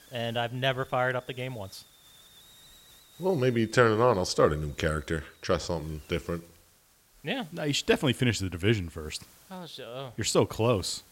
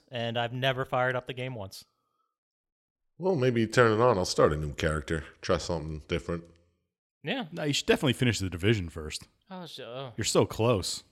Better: second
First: hiss; faint; throughout; 25 dB below the speech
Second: none

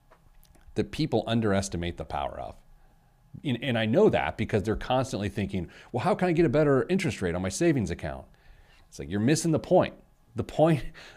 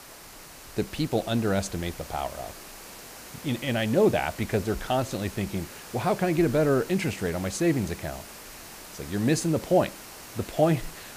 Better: first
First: none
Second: hiss; noticeable; throughout; 15 dB below the speech

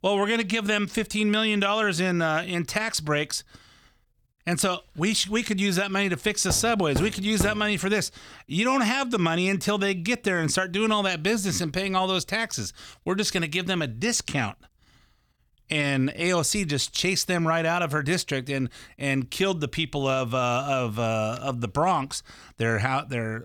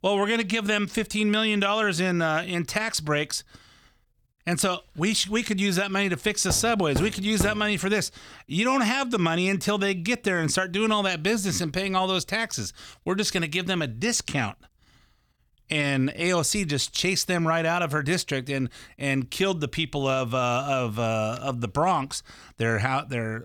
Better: neither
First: door banging; noticeable; from 6.5 to 7.5 s; peak 7 dB below the speech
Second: door banging; noticeable; from 6.5 to 7.5 s; peak 7 dB below the speech

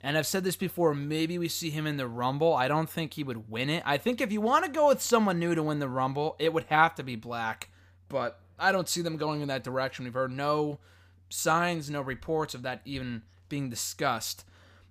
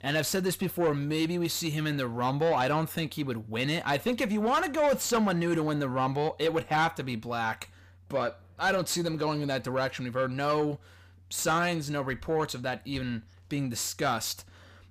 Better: first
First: none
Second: distortion; slight; 10 dB below the speech

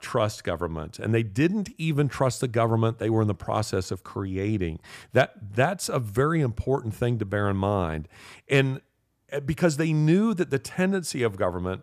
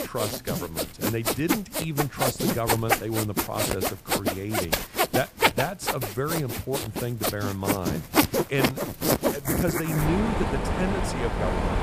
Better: first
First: none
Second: machinery noise; very loud; throughout; 4 dB above the speech

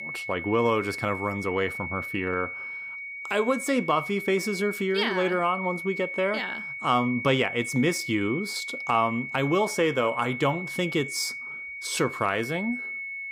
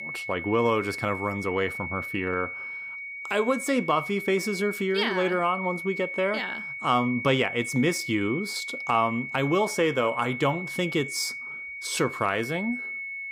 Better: neither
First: high-pitched whine; loud; throughout; 2 kHz, 7 dB below the speech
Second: high-pitched whine; loud; throughout; 2 kHz, 7 dB below the speech

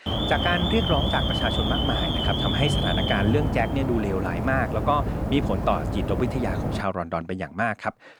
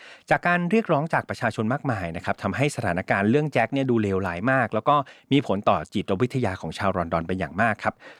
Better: second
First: alarm; loud; until 7 s; peak 3 dB above the speech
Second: none

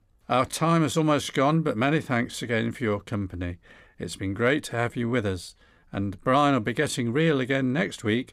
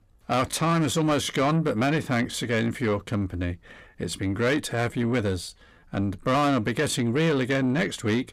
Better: first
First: none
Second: distortion; slight; 10 dB below the speech

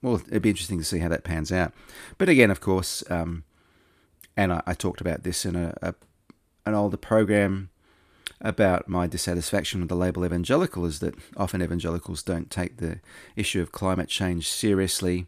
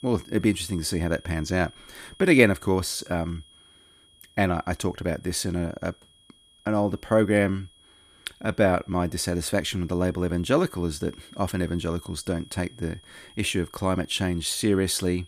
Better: first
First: none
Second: high-pitched whine; faint; throughout; 3.5 kHz, 25 dB below the speech

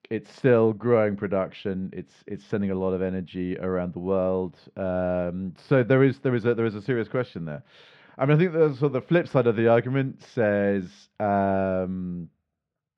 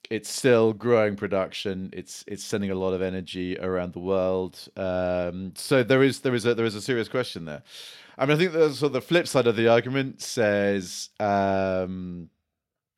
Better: second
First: muffled; very; fading above 2 kHz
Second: none

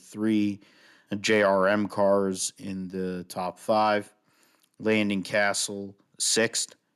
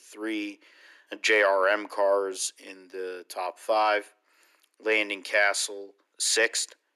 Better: first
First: none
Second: thin; very; fading below 350 Hz

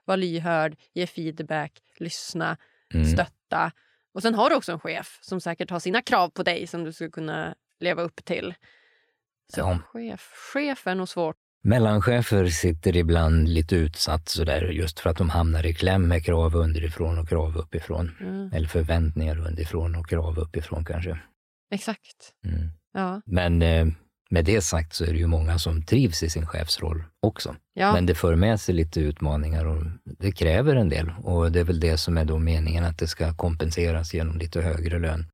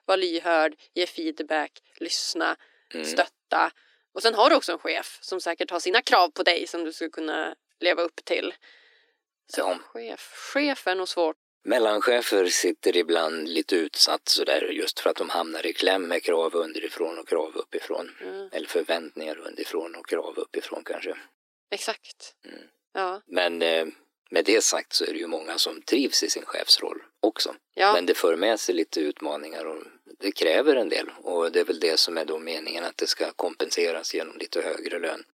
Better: first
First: none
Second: thin; very; fading below 300 Hz

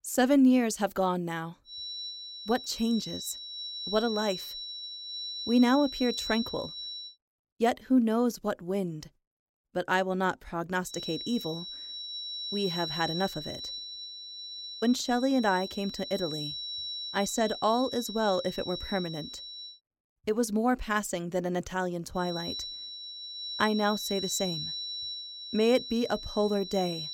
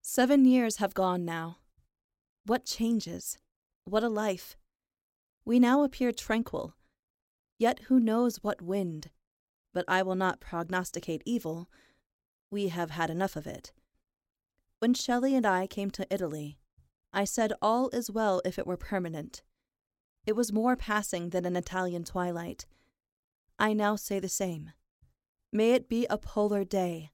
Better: second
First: high-pitched whine; loud; from 1.5 to 7 s, from 11 to 20 s and from 22 s on; 4 kHz, 7 dB below the speech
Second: none

